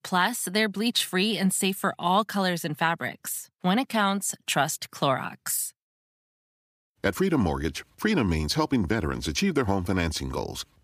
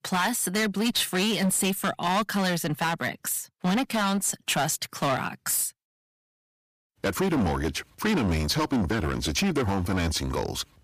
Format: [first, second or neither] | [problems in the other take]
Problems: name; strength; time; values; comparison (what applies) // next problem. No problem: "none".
first | distortion; heavy; 14% of the sound clipped